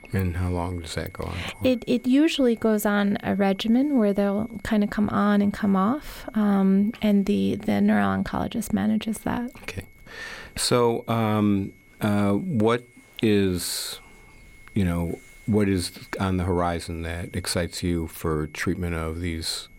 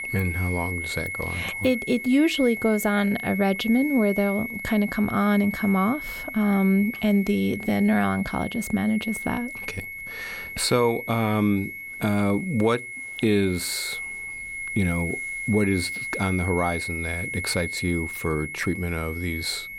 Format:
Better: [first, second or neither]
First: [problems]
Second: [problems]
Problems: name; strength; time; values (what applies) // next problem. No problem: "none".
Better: first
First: high-pitched whine; faint; throughout; 2 kHz, 30 dB below the speech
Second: high-pitched whine; loud; throughout; 2 kHz, 7 dB below the speech